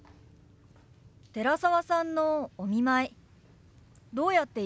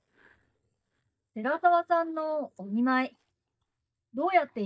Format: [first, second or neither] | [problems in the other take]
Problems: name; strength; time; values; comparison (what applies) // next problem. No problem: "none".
first | noise reduction (neural mask model DeepFilterNet 3)